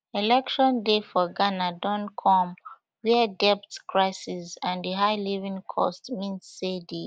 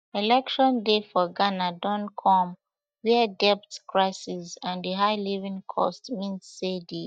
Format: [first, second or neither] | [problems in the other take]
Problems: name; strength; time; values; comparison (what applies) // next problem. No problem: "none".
first | noise reduction (neural mask model DeepFilterNet 3)